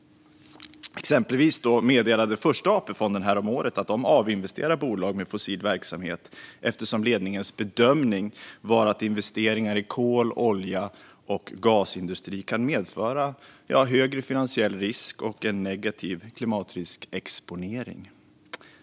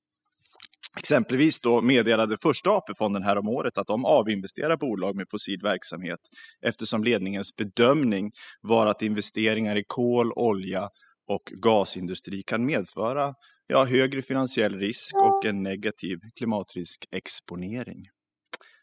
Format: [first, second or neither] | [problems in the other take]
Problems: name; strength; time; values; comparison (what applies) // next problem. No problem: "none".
first | noise reduction (classical method spectral subtraction)